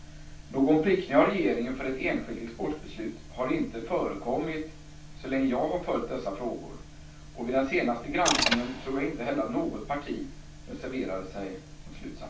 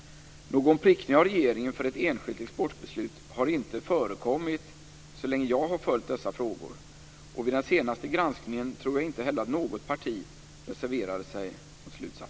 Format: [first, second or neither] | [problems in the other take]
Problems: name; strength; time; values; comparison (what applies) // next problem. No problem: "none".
second | background sound (Mechanisms); 2 dB below the speech // room echo; dies away in 0.3 s